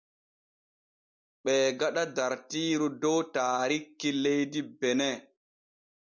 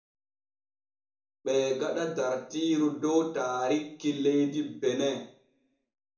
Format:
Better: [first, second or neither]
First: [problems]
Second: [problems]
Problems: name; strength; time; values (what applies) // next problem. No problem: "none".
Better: first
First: none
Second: room echo; dies away in 0.8 s